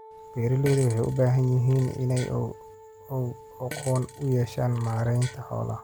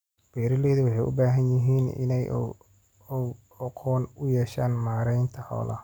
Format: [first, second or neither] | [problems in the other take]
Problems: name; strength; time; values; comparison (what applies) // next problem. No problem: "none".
second | background sound (Fart + Wind instrument, woodwind instrument); 17 dB below the speech